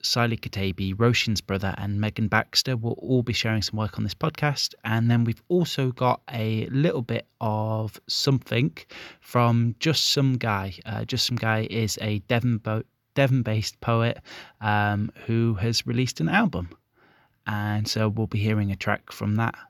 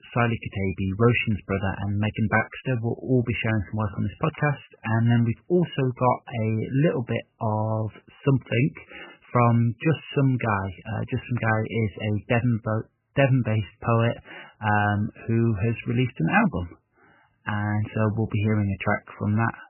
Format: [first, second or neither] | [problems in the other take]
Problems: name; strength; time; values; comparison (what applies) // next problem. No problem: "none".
first | garbled, watery; badly; nothing above 3 kHz